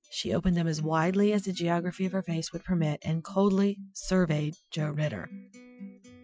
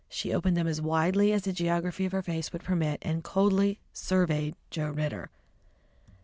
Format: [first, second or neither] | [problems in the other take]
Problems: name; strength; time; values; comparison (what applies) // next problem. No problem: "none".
second | noise reduction (classical method Wiener filter)